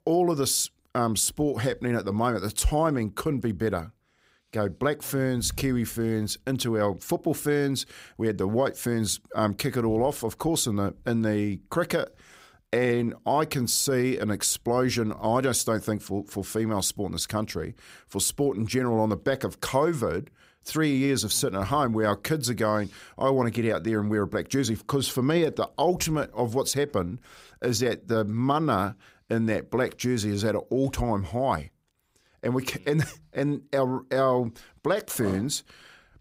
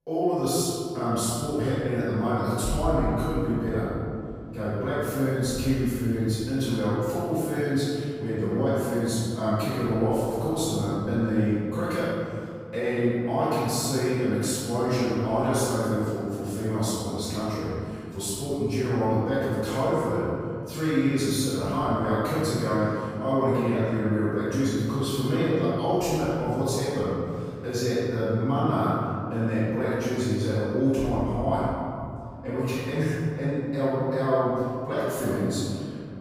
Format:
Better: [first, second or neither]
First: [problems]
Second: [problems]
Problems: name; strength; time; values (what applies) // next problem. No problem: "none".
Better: first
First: none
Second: off-mic speech; far // room echo; strong; dies away in 3 s